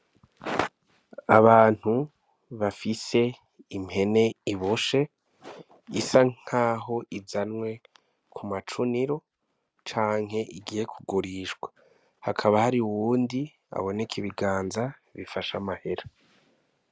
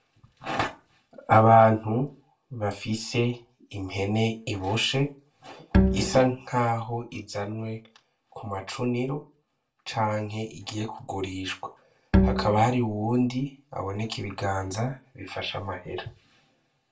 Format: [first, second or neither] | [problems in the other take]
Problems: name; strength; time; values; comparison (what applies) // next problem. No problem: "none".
first | background sound (Bowed string instrument); 2 dB above the speech // room echo; dies away in 0.2 s